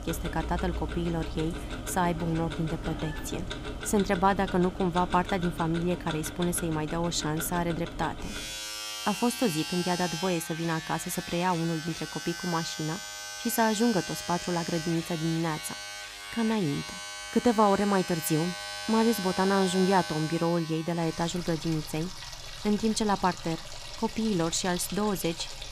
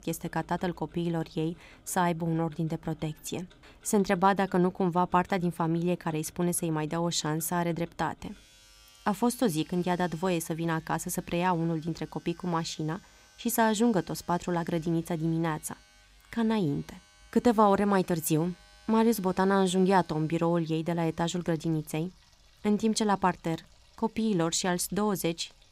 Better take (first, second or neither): second